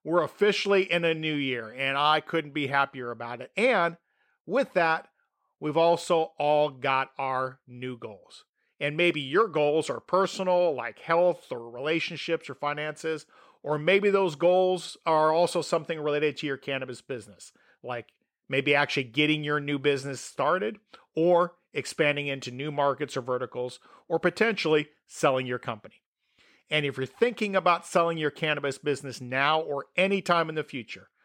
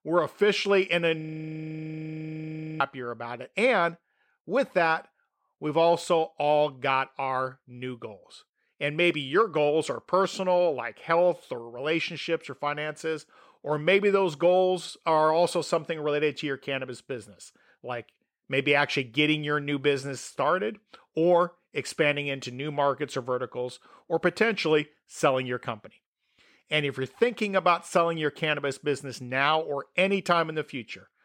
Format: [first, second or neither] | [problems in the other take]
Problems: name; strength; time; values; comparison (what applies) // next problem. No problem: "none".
first | audio freezing; at 1 s for 1.5 s